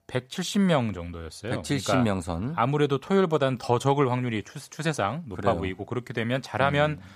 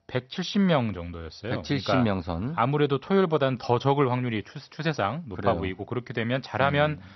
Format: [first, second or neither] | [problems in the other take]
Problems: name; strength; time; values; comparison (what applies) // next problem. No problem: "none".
first | garbled, watery; slightly; nothing above 6 kHz